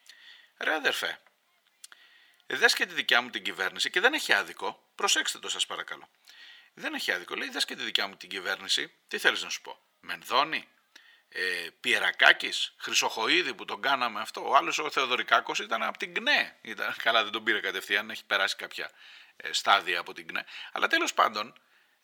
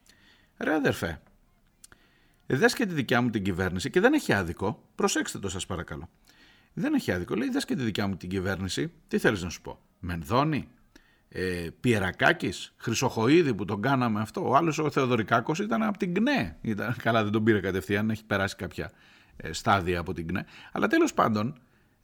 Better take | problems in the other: second | thin; very; fading below 700 Hz

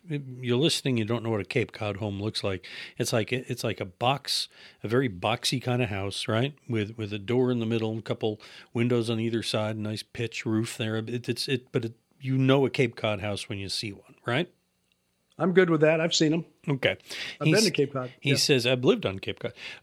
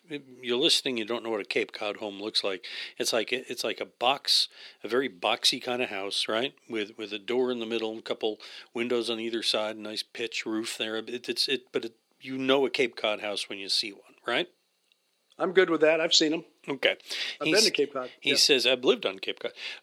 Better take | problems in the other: first | thin; somewhat; fading below 300 Hz

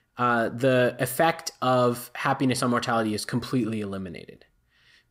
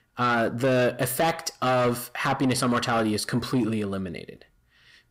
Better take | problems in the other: first | distortion; slight; 10 dB below the speech

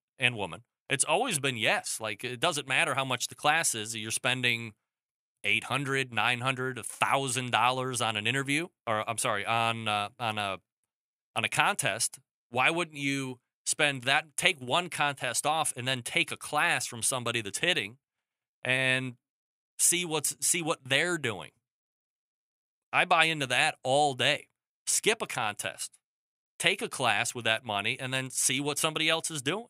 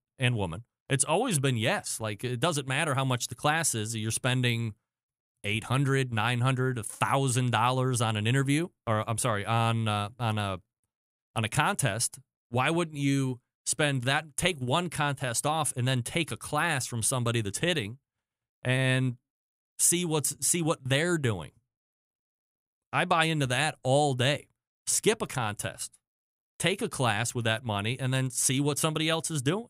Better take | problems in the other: second | thin; somewhat; fading below 350 Hz

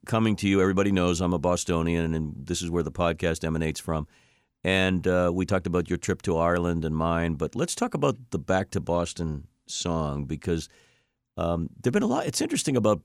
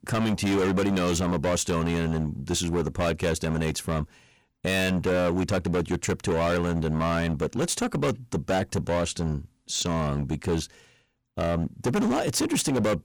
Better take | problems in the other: first | distortion; heavy; 18% of the sound clipped

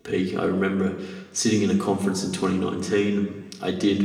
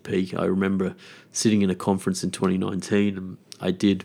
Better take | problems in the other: second | room echo; slight; dies away in 1.1 s // off-mic speech; somewhat distant

